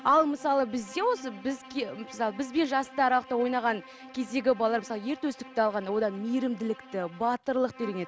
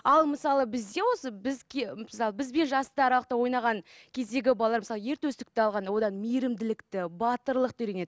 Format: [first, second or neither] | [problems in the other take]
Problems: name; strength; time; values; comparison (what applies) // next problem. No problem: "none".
second | background sound (Bowed string instrument); 19 dB below the speech